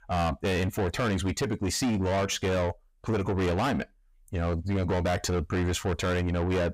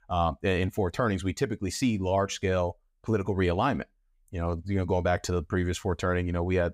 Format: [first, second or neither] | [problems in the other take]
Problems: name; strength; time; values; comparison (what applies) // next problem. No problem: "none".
second | distortion; heavy; 8 dB below the speech